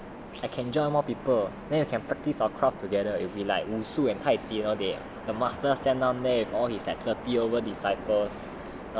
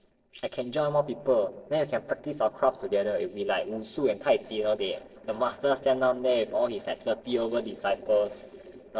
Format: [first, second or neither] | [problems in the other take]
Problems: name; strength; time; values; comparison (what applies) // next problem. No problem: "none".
first | noise reduction (neural separator model SepFormer DNS4)